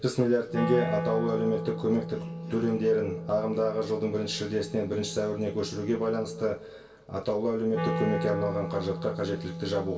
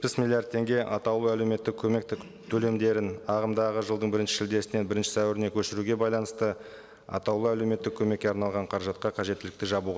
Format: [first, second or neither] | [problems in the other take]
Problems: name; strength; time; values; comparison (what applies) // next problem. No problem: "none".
second | background sound (Wind instrument, woodwind instrument); 7 dB below the speech // room echo; dies away in 0.2 s